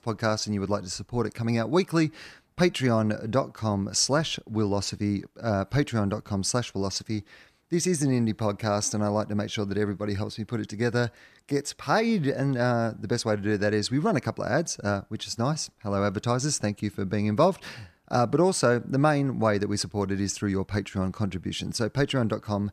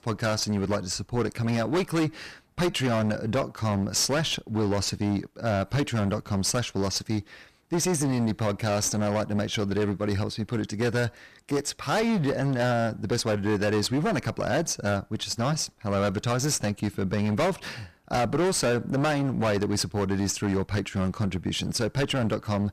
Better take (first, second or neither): first